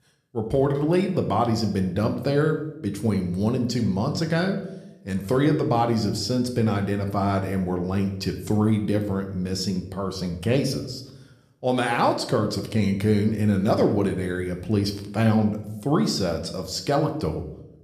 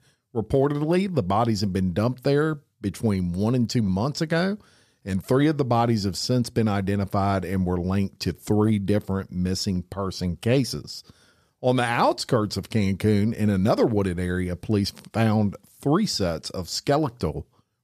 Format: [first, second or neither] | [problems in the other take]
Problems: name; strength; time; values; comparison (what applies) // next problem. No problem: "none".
second | room echo; slight; dies away in 0.6 s